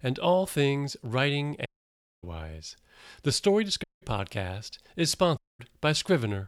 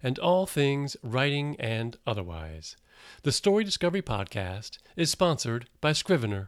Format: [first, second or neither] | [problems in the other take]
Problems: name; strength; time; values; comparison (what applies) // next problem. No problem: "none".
second | audio cutting out; at 1.5 s for 0.5 s, at 4 s and at 5.5 s